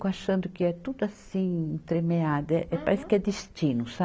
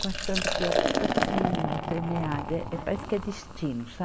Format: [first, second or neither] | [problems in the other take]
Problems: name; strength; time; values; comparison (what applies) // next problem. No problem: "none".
first | background sound (Liquid); 2 dB above the speech